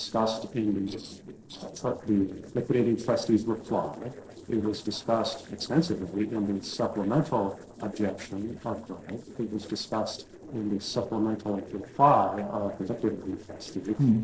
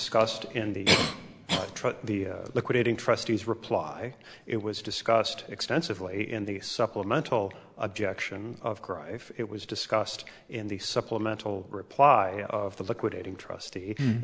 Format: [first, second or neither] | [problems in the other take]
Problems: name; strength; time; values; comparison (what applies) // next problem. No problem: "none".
second | noise reduction (neural separator model SepFormer DNS4)